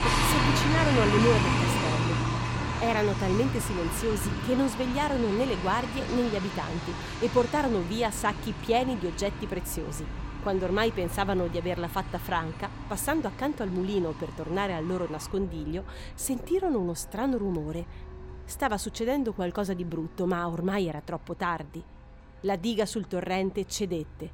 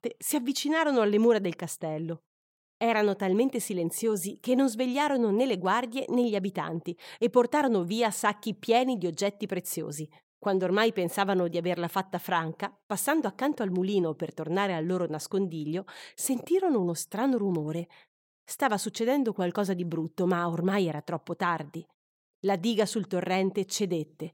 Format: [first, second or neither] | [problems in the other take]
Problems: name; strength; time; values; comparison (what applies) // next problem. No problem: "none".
second | traffic noise; loud; throughout; 2 dB below the speech